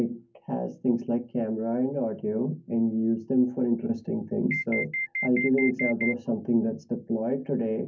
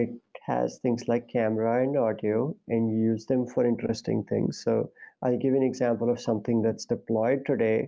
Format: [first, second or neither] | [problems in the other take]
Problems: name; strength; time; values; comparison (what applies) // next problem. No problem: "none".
second | background sound (Alarm); 4 dB below the speech // room echo; dies away in 0.3 s